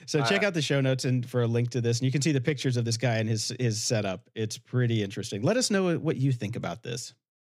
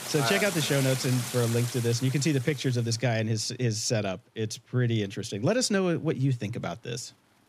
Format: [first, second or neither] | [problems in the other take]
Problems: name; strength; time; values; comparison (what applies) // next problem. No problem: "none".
first | rain or running water; loud; throughout; 7 dB below the speech